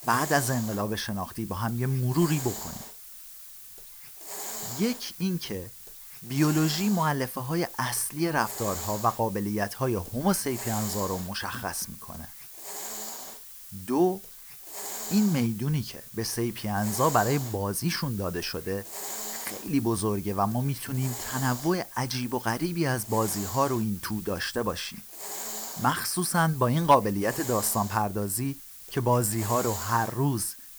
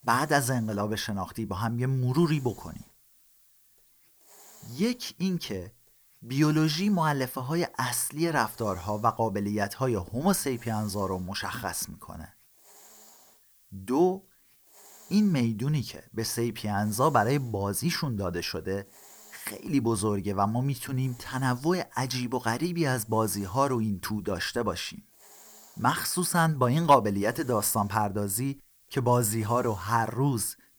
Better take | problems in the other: second | hiss; loud; throughout; 10 dB below the speech; faint in the second

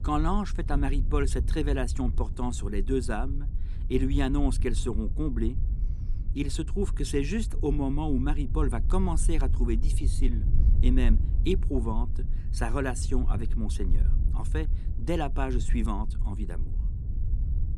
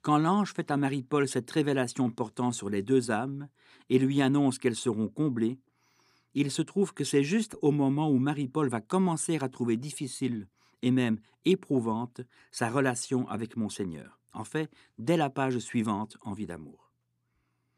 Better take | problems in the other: second | wind noise on the microphone; occasional gusts; 15 dB below the speech

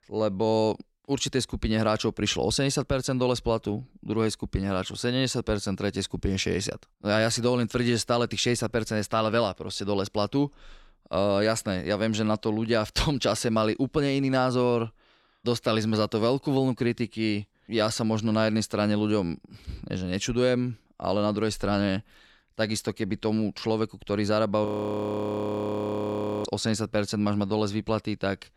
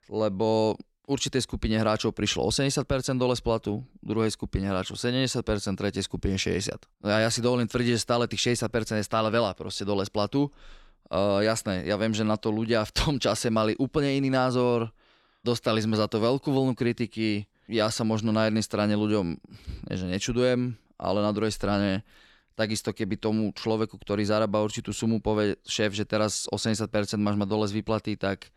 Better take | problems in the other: second | audio freezing; at 25 s for 2 s

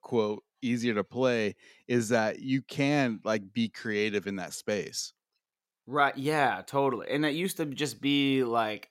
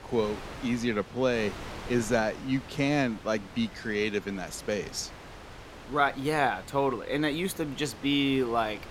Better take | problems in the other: first | wind noise on the microphone; occasional gusts; 15 dB below the speech

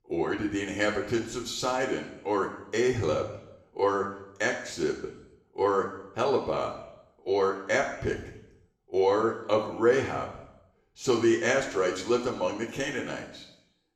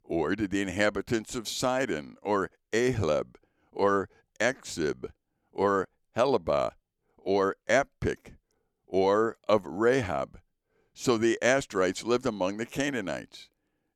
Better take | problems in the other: second | room echo; noticeable; dies away in 0.8 s // off-mic speech; somewhat distant

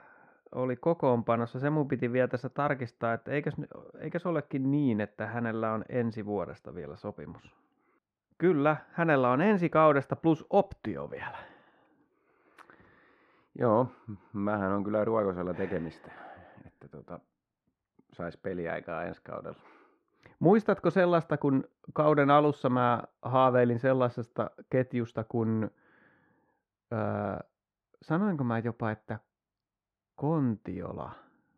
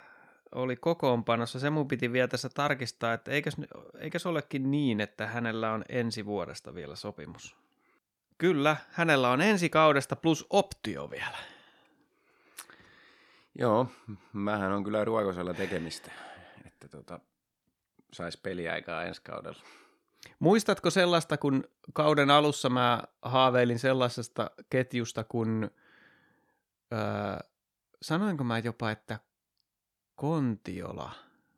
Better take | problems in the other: second | muffled; very; fading above 3 kHz

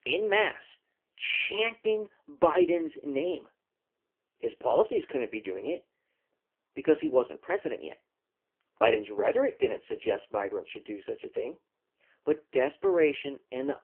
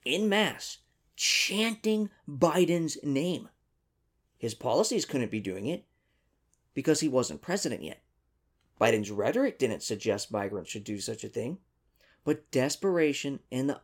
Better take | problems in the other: second | phone-call audio; poor line; nothing above 3 kHz

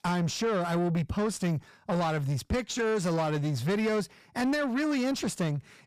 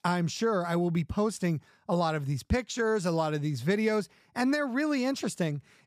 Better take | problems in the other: second | distortion; slight; 10 dB below the speech

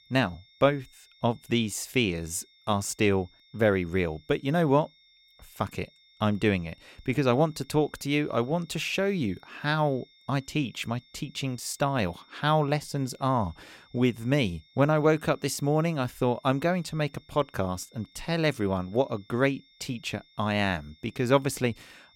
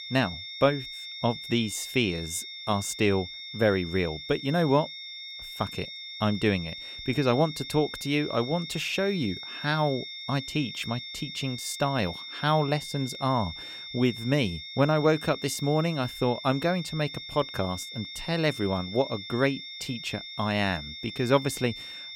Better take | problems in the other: first | high-pitched whine; loud; throughout; 3.5 kHz, 9 dB below the speech; faint in the first

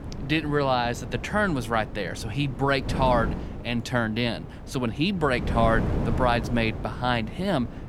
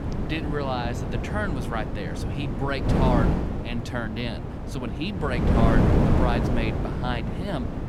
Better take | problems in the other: first | wind noise on the microphone; heavy; 1 dB below the speech; occasional gusts in the first

